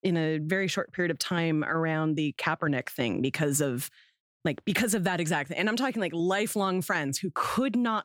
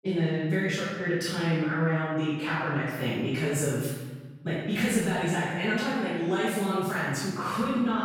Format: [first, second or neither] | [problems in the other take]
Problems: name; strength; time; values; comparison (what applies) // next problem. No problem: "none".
first | off-mic speech; far // room echo; strong; dies away in 1.2 s